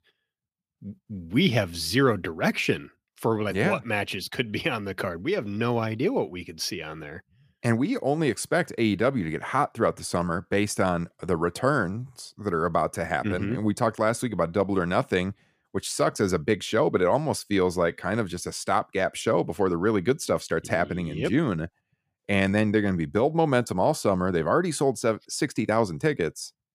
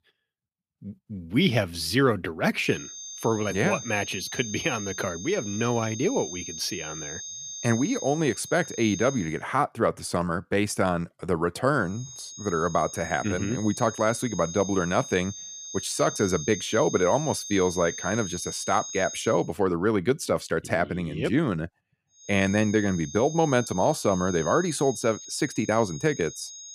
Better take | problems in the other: first | high-pitched whine; noticeable; from 2.5 to 9.5 s, from 12 to 19 s and from 22 s on; 6.5 kHz, 10 dB below the speech

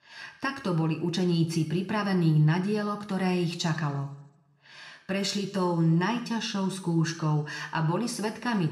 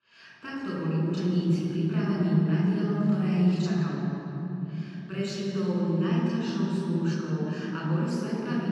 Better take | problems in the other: first | room echo; strong; dies away in 3 s; slight in the first // off-mic speech; far

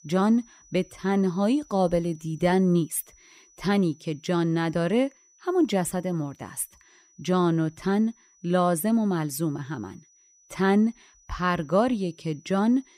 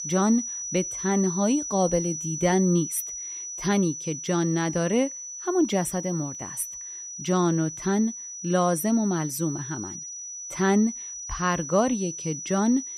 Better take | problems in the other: first | high-pitched whine; loud; throughout; 6 kHz, 7 dB below the speech; faint in the first

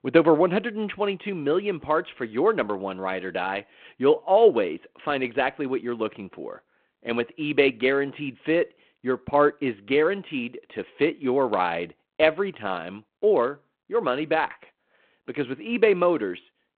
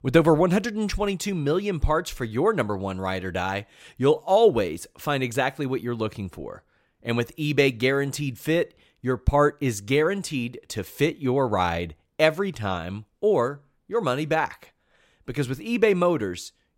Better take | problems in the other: second | phone-call audio

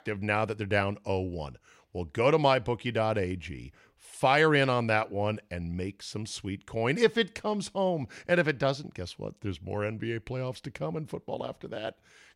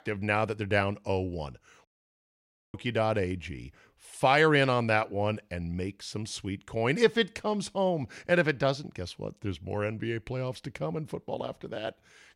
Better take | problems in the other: first | audio cutting out; at 2 s for 1 s

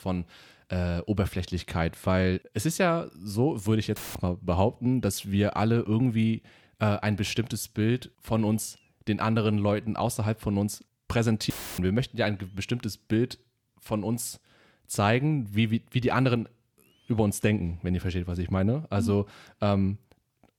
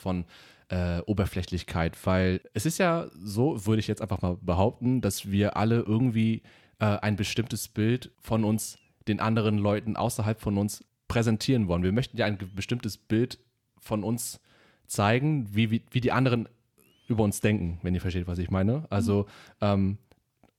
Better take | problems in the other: second | audio cutting out; filled with static; at 4 s and at 12 s

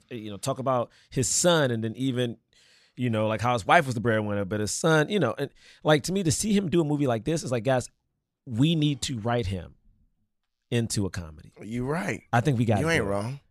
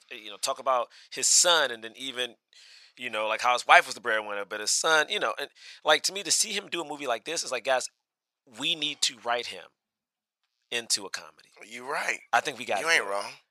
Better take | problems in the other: first | thin; very; fading below 850 Hz

